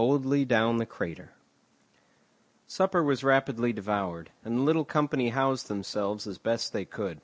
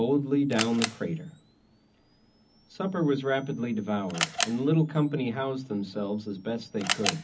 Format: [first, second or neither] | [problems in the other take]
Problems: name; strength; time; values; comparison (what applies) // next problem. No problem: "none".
first | background sound (Camera); 8 dB below the speech // room echo; dies away in 0.4 s